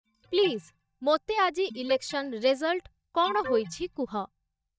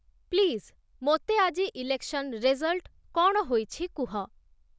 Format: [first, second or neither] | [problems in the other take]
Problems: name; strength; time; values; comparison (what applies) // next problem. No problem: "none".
second | noise reduction (neural mask model DeepFilterNet 3)